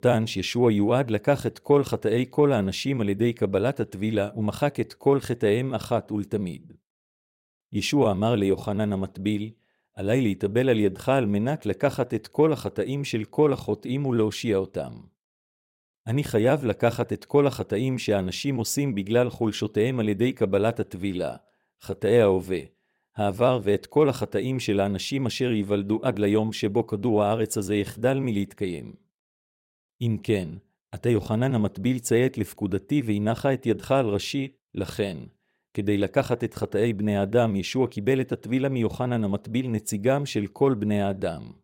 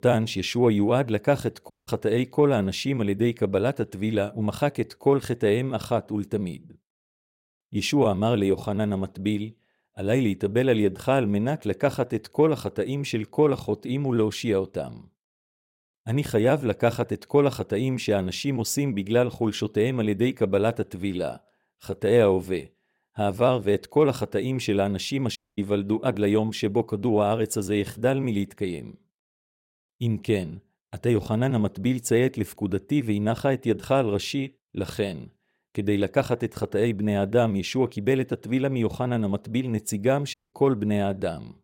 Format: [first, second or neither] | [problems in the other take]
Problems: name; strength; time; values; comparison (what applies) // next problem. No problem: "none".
first | audio cutting out; at 1.5 s, at 25 s and at 40 s